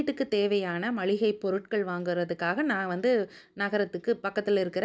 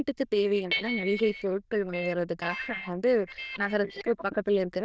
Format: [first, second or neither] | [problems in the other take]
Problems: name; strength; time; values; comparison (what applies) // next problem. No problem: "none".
first | noise reduction (neural diffusion model UNIVERSE++)